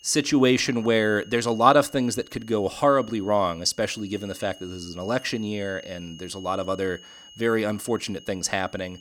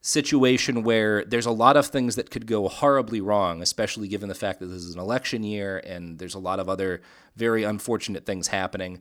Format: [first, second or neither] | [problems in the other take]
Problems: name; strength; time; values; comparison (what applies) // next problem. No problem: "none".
second | high-pitched whine; faint; throughout; 3 kHz, 20 dB below the speech